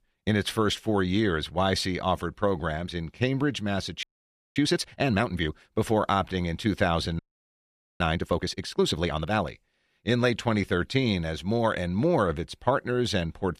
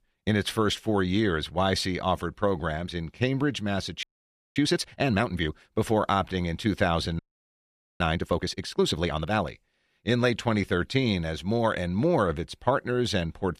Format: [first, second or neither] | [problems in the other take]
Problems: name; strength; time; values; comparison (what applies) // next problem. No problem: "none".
neither | audio freezing; at 4 s for 0.5 s and at 7 s for 1 s; the same in both